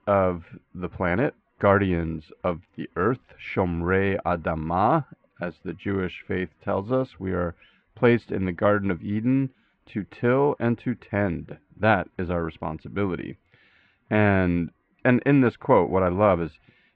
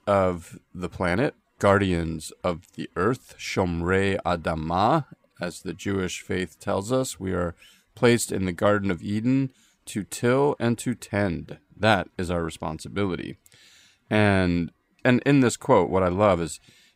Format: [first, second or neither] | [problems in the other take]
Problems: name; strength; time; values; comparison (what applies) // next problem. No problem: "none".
second | muffled; very; fading above 2.5 kHz